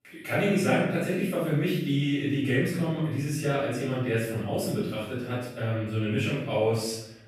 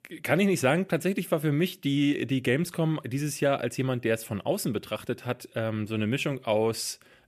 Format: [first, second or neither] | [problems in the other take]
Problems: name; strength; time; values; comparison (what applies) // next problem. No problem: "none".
second | off-mic speech; far // room echo; strong; dies away in 0.8 s